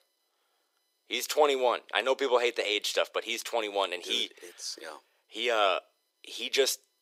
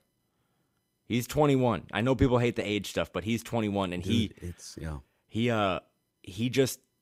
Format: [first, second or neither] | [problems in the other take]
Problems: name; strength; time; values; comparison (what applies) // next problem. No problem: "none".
second | thin; very; fading below 400 Hz